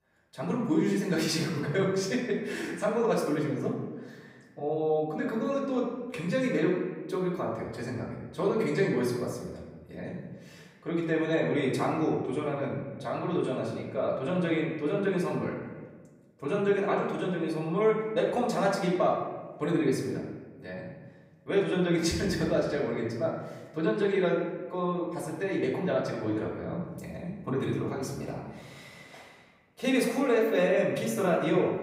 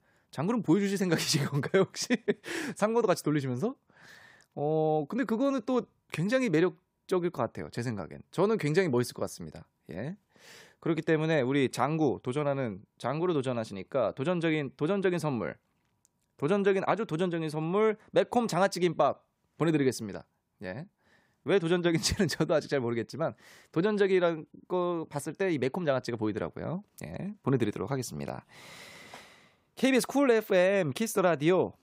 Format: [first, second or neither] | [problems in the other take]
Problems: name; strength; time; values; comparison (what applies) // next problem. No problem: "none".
second | off-mic speech; far // room echo; noticeable; dies away in 1.1 s